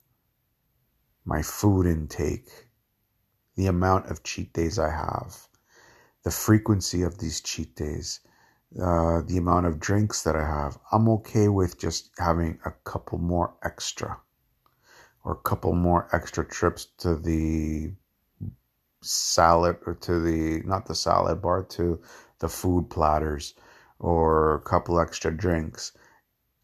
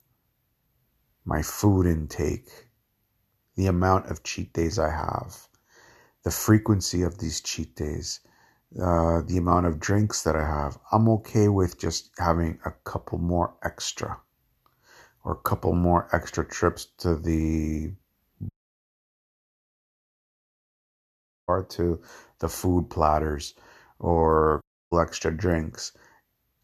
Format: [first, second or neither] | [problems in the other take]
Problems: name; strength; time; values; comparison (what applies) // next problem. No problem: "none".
first | audio cutting out; at 19 s for 3 s and at 25 s